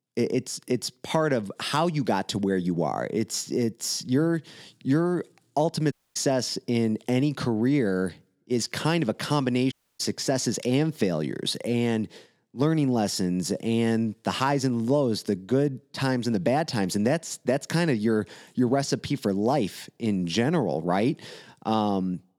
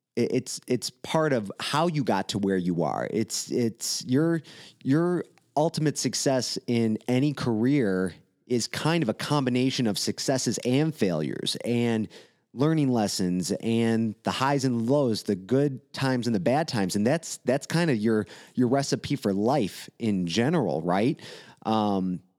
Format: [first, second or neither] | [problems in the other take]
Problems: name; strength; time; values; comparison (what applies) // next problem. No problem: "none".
second | audio cutting out; at 6 s and at 9.5 s